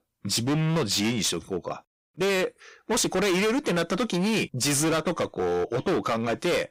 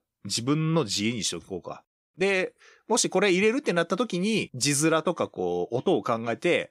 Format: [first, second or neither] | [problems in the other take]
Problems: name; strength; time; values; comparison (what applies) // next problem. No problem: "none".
second | distortion; heavy; 24% of the sound clipped